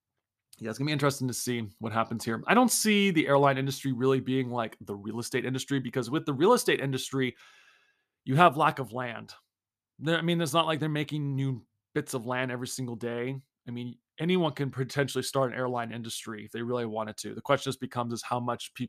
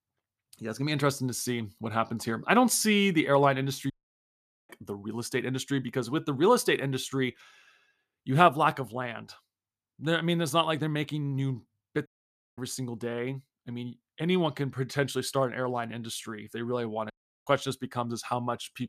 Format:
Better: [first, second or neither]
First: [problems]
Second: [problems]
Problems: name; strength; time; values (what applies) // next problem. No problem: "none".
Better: first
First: none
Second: audio cutting out; at 4 s for 1 s, at 12 s for 0.5 s and at 17 s